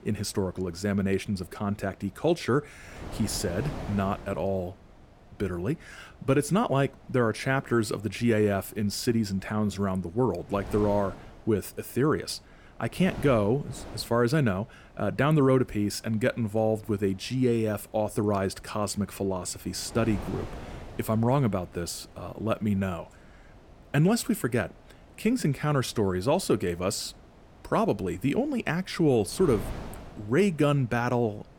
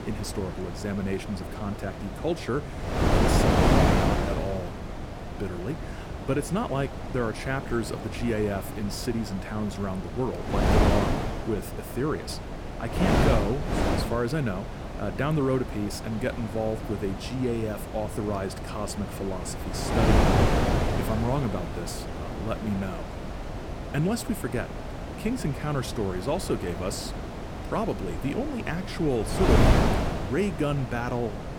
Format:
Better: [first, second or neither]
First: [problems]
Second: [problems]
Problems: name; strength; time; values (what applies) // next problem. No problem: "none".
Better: first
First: wind noise on the microphone; occasional gusts; 20 dB below the speech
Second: wind noise on the microphone; heavy; 1 dB above the speech